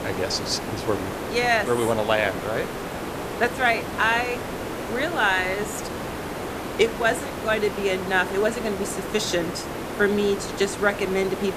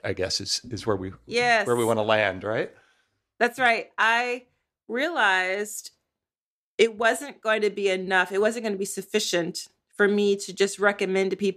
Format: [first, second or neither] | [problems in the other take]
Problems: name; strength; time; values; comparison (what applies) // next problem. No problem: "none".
second | hiss; loud; throughout; 7 dB below the speech